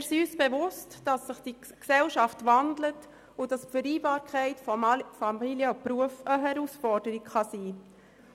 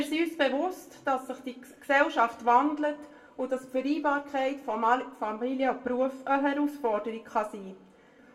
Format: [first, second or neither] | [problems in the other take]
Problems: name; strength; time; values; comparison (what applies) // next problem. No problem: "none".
first | room echo; dies away in 0.3 s